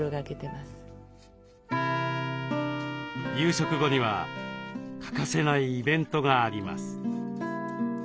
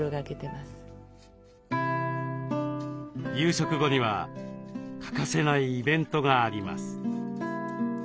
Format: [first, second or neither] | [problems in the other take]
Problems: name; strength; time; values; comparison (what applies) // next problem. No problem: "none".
second | background sound (Trumpet); 11 dB below the speech